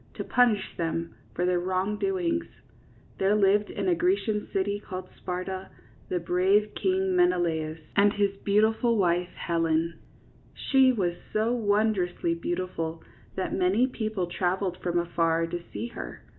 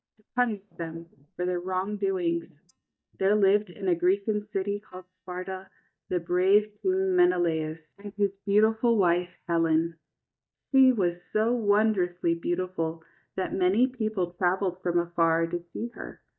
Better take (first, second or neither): first